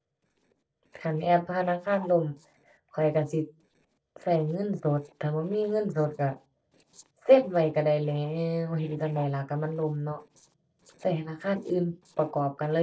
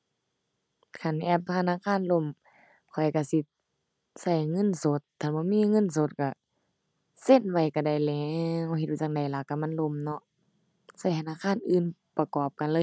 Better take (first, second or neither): second